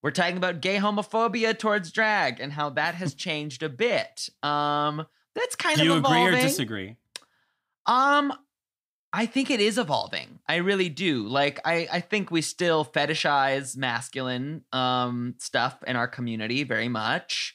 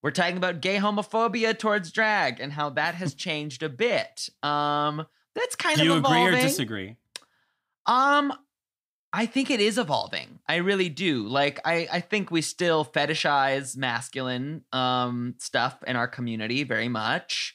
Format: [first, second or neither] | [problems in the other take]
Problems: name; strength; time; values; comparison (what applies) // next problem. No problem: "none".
neither | none